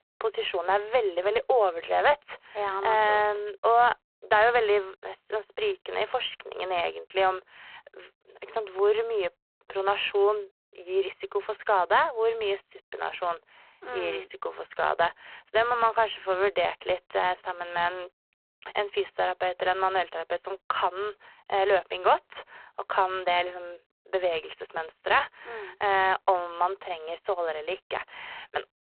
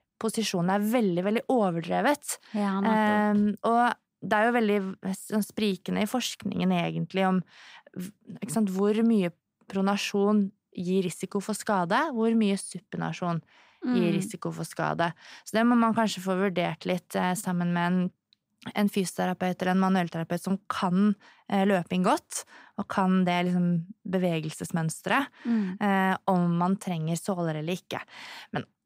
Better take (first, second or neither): second